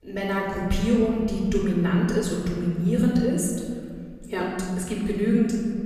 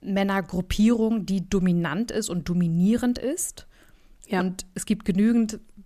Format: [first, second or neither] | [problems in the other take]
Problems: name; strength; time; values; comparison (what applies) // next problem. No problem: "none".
second | room echo; noticeable; dies away in 2.2 s // off-mic speech; far